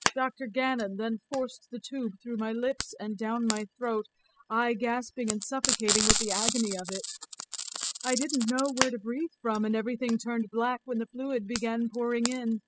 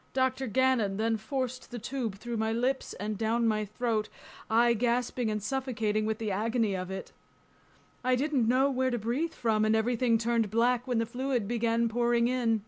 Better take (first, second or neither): second